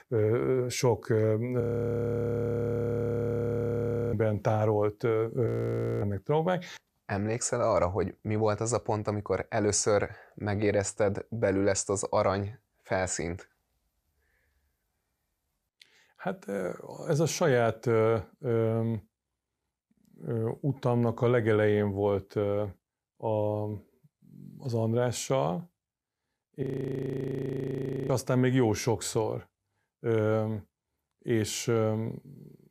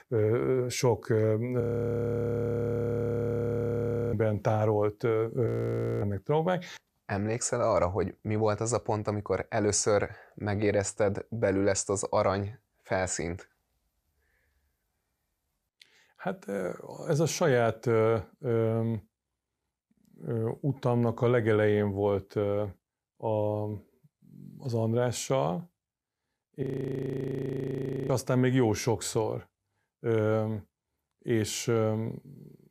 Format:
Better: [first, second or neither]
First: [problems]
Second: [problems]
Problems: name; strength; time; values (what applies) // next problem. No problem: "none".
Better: neither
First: audio freezing; at 1.5 s for 2.5 s, at 5.5 s for 0.5 s and at 27 s for 1.5 s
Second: audio freezing; at 1.5 s for 2.5 s, at 5.5 s for 0.5 s and at 27 s for 1.5 s